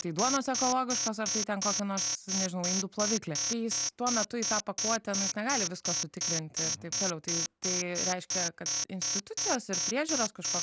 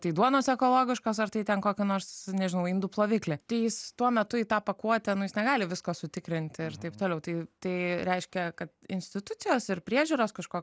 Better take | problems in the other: second | background sound (Alarm); as loud as the speech

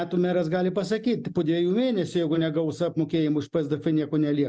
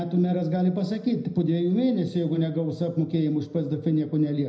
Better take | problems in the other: first | room echo; dies away in 0.7 s

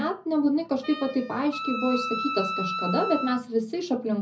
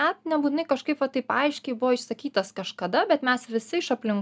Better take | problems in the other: second | background sound (Wind instrument, woodwind instrument); 6 dB below the speech // room echo; dies away in 0.4 s

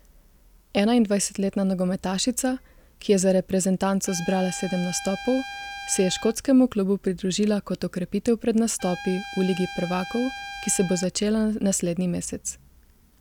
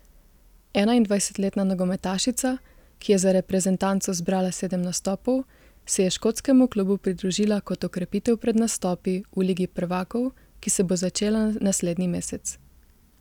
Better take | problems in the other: second | background sound (Trumpet); 13 dB below the speech

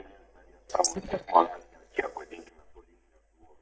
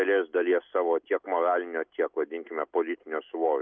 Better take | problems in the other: second | noise reduction (neural mask model DeepFilterNet 3)

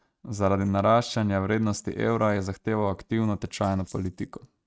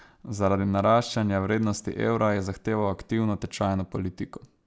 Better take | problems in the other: second | noise reduction (neural mask model RNNoise)

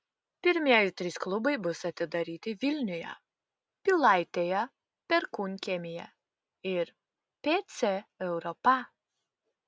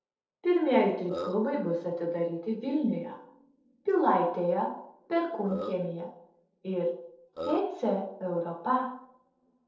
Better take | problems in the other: first | noise reduction (neural separator model SepFormer DNS4)

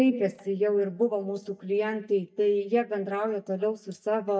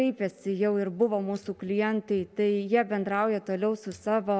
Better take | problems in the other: second | noise reduction (neural mask model DeepFilterNet 3)

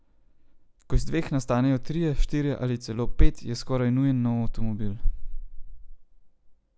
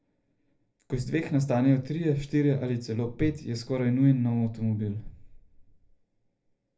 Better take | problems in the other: first | room echo; dies away in 0.3 s

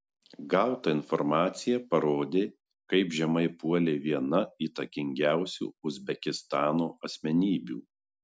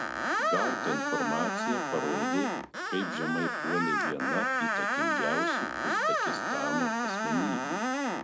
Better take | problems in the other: first | background sound (Screech); 5 dB above the speech // room echo; dies away in 0.8 s

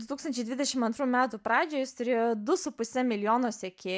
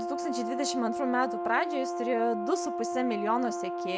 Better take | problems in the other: first | background sound (Brass instrument); 2 dB below the speech

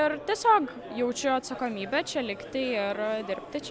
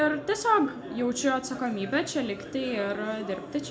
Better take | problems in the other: first | room echo; dies away in 0.3 s

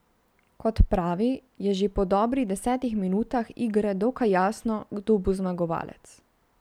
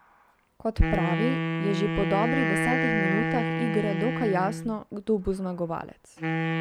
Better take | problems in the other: first | background sound (Wind instrument, woodwind instrument); as loud as the speech

